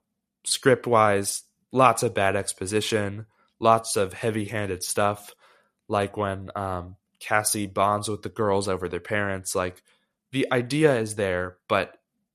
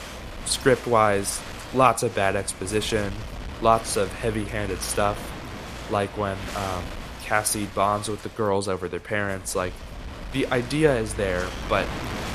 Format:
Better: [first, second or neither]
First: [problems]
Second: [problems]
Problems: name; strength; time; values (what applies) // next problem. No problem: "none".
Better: first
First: none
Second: wind noise on the microphone; occasional gusts; 15 dB below the speech